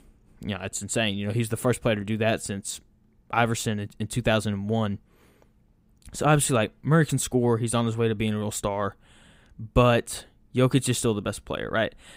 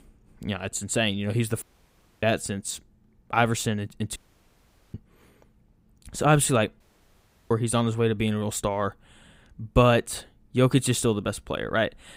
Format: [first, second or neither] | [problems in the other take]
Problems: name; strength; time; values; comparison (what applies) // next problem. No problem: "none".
first | audio cutting out; at 1.5 s for 0.5 s, at 4 s for 1 s and at 7 s for 0.5 s